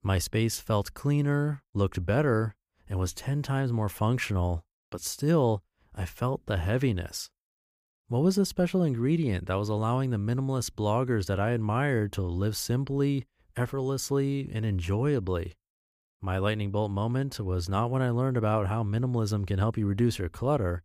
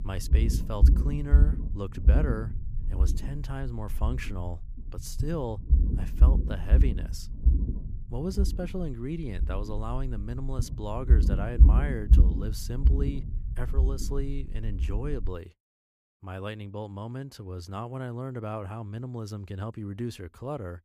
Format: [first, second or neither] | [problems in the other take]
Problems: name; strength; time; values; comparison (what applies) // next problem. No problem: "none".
first | low rumble; loud; until 15 s; 5 dB below the speech